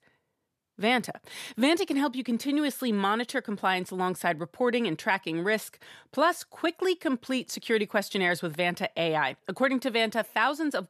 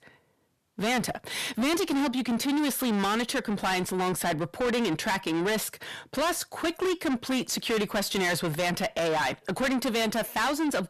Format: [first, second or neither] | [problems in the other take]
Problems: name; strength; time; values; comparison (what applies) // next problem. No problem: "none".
first | distortion; heavy; 5 dB below the speech